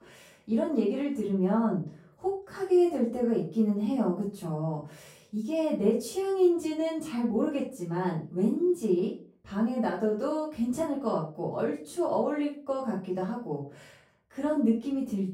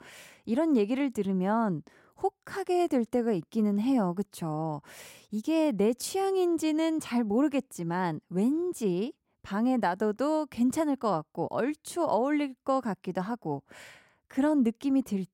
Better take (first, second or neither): second